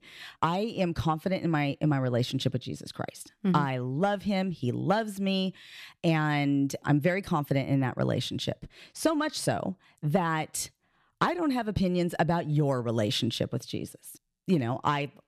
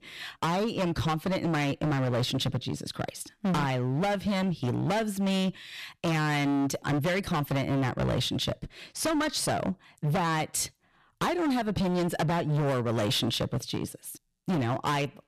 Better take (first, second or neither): first